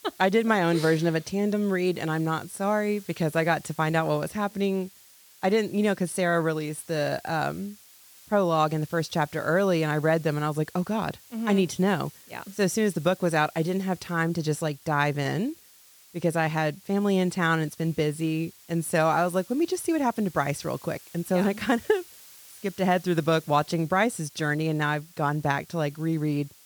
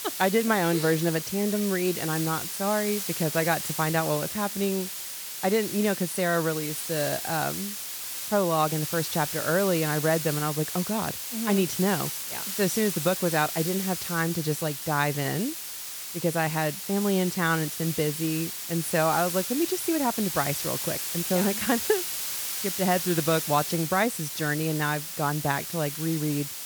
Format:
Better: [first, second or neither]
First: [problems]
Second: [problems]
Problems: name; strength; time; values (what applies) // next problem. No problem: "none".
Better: first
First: hiss; faint; throughout; 25 dB below the speech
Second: hiss; loud; throughout; 4 dB below the speech